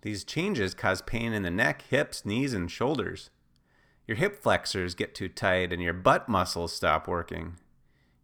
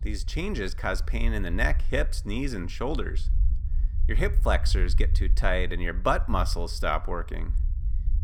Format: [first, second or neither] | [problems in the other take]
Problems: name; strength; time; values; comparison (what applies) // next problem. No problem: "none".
first | low rumble; faint; throughout; 20 dB below the speech